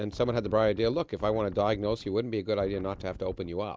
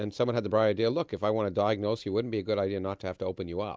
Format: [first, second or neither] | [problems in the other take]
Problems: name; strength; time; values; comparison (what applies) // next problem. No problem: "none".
second | background sound (Wind); 17 dB below the speech